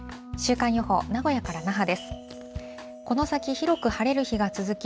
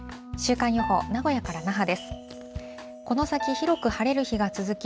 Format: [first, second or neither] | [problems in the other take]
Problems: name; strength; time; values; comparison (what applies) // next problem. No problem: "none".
first | background sound (Piano); 11 dB below the speech